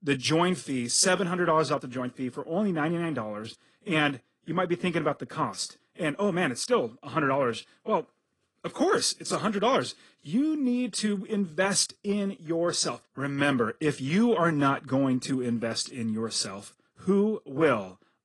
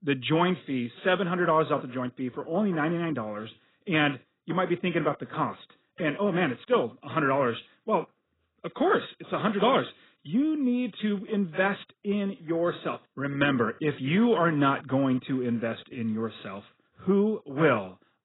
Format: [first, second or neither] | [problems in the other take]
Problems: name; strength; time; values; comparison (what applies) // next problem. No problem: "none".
first | garbled, watery; badly; nothing above 4 kHz; slightly in the first